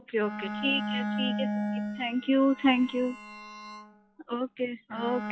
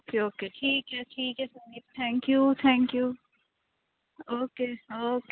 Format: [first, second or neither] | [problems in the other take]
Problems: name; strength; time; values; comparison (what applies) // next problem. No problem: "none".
second | noise reduction (classical method log-MMSE)